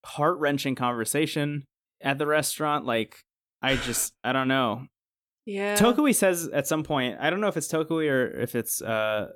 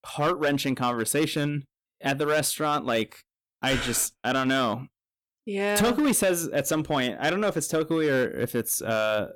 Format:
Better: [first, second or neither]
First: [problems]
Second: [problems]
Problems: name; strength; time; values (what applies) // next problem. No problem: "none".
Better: first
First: none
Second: distortion; slight; 7% of the sound clipped